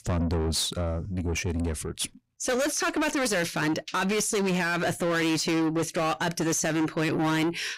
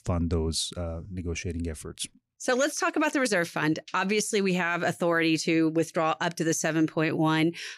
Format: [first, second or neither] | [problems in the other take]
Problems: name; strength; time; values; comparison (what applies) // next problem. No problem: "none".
second | distortion; heavy; 8 dB below the speech